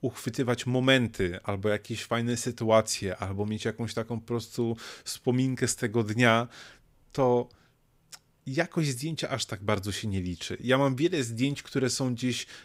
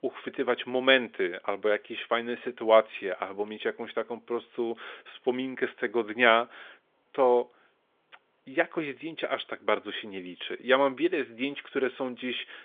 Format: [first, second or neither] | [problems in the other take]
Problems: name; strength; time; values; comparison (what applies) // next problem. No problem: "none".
first | phone-call audio; nothing above 3.5 kHz